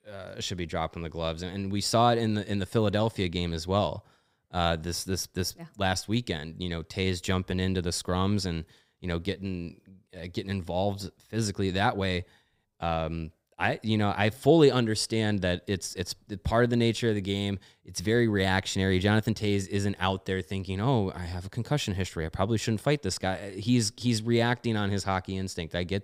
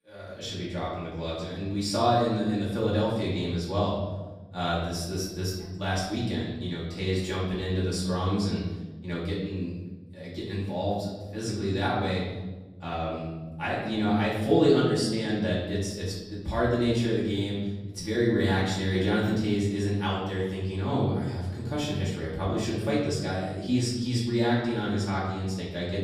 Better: first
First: none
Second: room echo; noticeable; dies away in 1.2 s // off-mic speech; far

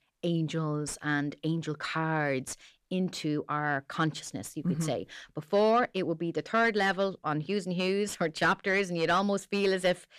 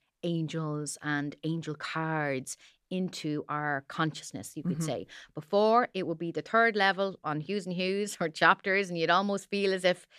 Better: second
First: distortion; slight; 10 dB below the speech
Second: none

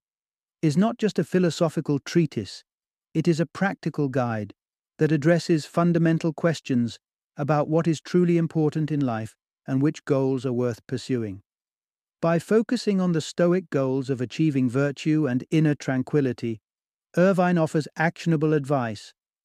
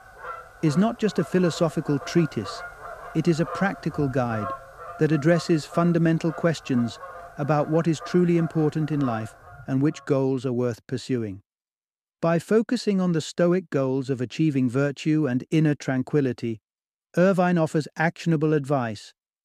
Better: first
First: none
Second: animal sounds; noticeable; until 9.5 s; 15 dB below the speech

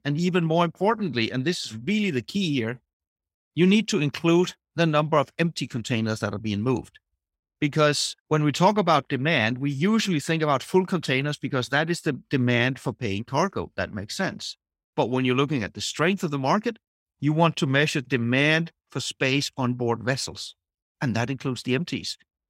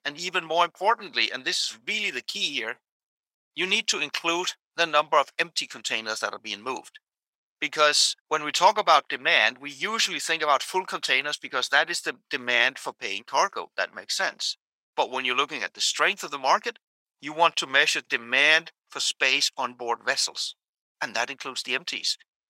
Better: first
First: none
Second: thin; very; fading below 800 Hz

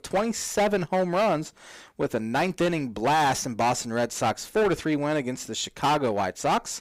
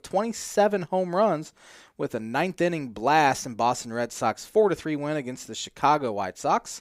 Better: second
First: distortion; heavy; 15% of the sound clipped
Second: none

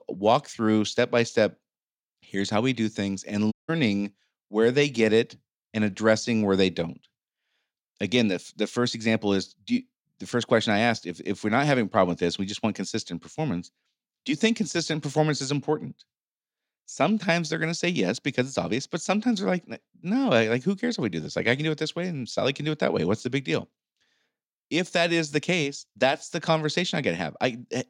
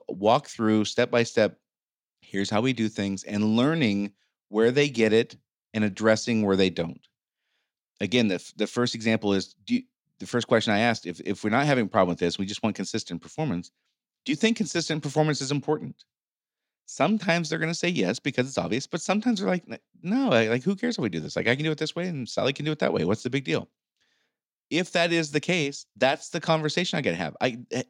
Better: second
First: audio cutting out; at 3.5 s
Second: none

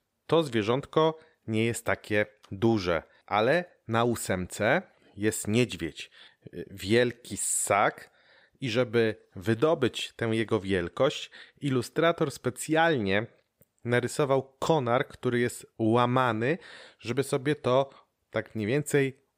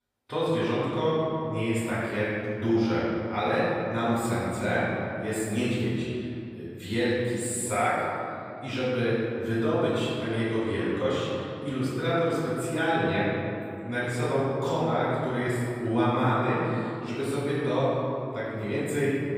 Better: first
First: none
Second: room echo; strong; dies away in 2.5 s // off-mic speech; far

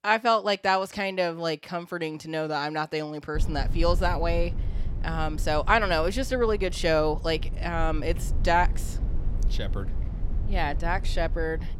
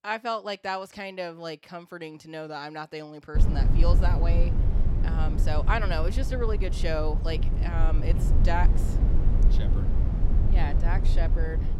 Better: first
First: low rumble; faint; from 3.5 s on; 20 dB below the speech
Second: low rumble; loud; from 3.5 s on; 8 dB below the speech

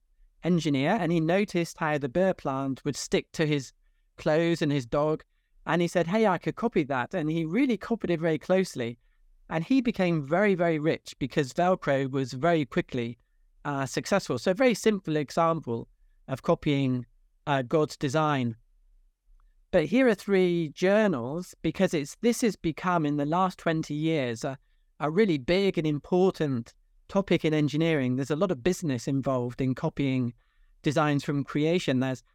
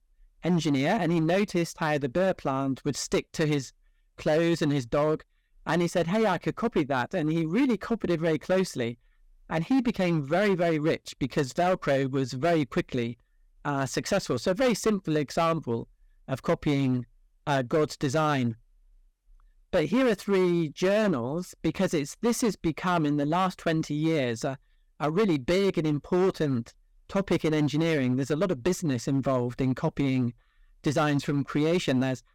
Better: first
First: none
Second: distortion; slight; 7% of the sound clipped

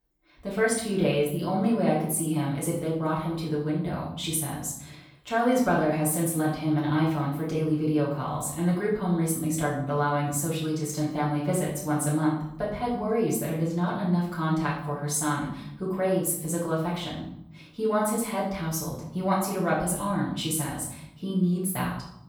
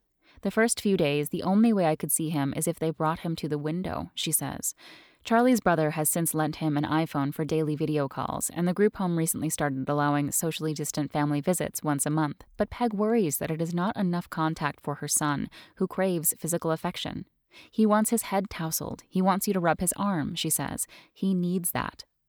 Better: second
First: off-mic speech; far // room echo; noticeable; dies away in 0.7 s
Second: none

